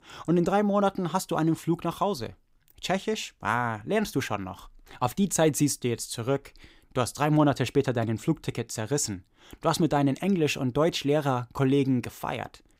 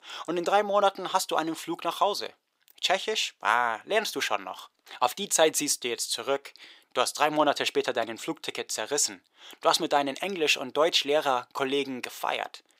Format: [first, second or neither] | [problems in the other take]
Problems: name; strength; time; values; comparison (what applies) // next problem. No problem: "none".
first | thin; very; fading below 600 Hz